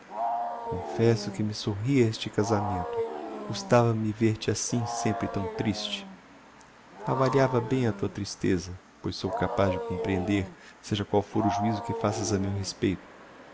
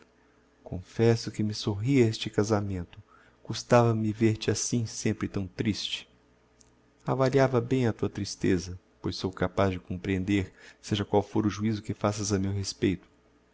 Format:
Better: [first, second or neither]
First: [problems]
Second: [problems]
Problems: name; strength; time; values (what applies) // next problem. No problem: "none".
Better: second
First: background sound (Wild animals); 7 dB below the speech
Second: none